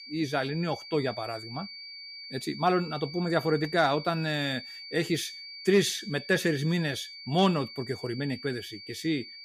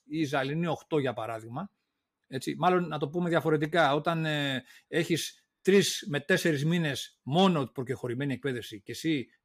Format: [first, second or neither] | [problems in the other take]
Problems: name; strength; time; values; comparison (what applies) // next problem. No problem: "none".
second | high-pitched whine; noticeable; throughout; 4.5 kHz, 10 dB below the speech